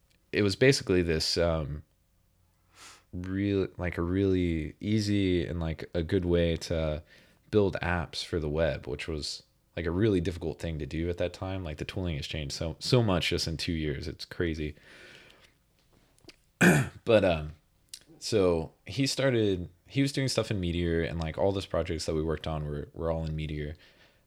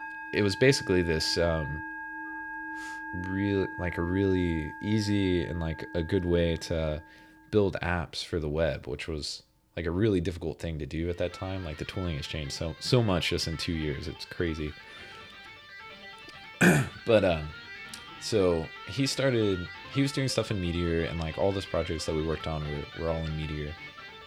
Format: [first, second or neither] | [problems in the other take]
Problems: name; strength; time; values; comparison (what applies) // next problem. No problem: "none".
first | background music; noticeable; throughout; 10 dB below the speech